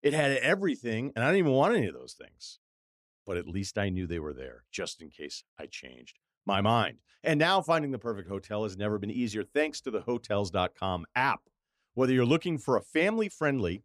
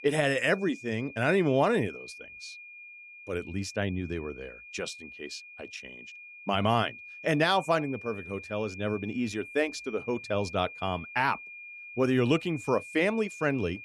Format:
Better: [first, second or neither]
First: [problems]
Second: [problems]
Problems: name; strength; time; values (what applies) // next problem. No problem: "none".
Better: first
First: none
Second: high-pitched whine; noticeable; throughout; 2.5 kHz, 15 dB below the speech